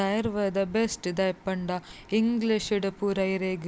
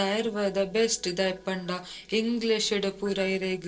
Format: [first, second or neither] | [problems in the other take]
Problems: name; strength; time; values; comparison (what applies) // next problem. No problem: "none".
first | noise reduction (neural separator model SepFormer DNS4)